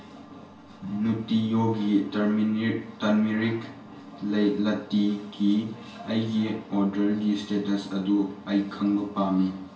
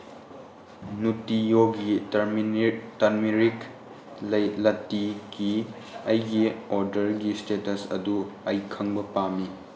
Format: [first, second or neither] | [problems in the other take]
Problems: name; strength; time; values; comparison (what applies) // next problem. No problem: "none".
second | room echo; dies away in 0.2 s